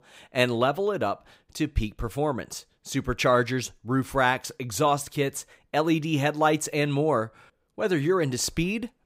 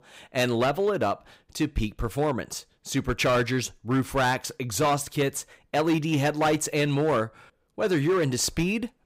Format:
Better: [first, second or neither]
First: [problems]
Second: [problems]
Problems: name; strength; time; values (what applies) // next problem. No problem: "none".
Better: first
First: none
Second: distortion; slight; 8% of the sound clipped